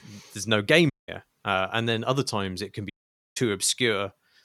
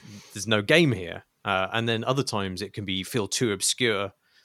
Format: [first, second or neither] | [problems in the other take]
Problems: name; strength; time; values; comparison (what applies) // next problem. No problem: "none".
second | audio cutting out; at 1 s and at 3 s